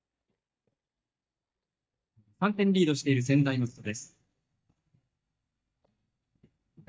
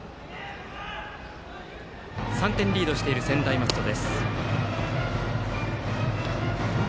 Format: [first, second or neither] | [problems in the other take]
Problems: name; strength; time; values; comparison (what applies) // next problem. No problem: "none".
second | noise reduction (neural mask model DeepFilterNet 3)